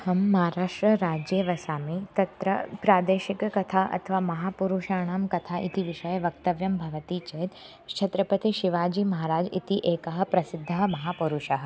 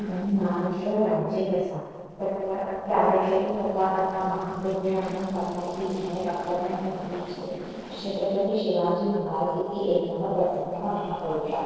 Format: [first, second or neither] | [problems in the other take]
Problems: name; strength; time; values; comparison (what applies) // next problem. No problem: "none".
first | noise reduction (neural separator model SepFormer DNS4)